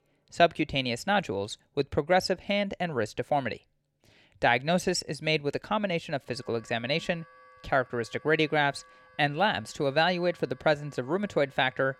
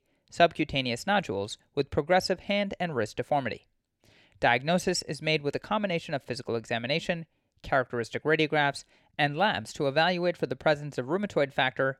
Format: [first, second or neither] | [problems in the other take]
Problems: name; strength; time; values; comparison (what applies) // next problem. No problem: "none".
second | background music; faint; throughout; 30 dB below the speech